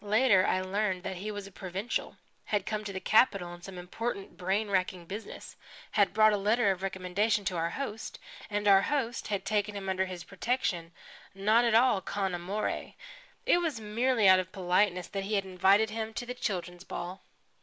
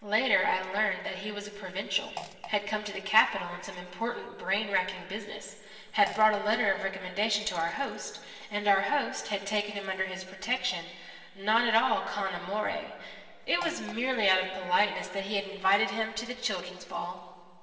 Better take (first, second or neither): first